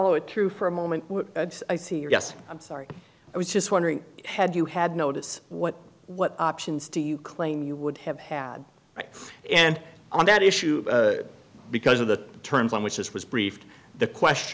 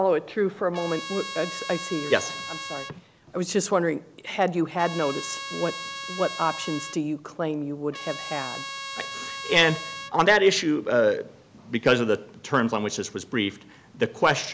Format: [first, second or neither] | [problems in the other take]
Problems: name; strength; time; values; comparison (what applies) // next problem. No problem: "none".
first | background sound (Trumpet); 10 dB below the speech